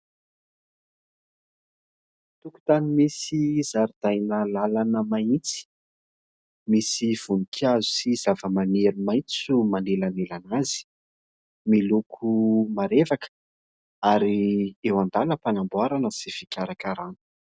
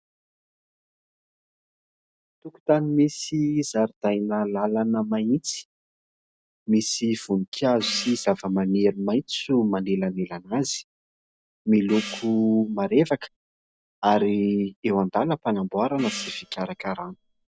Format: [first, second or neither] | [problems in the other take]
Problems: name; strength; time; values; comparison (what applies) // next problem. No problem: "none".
first | background sound (Gong); 15 dB below the speech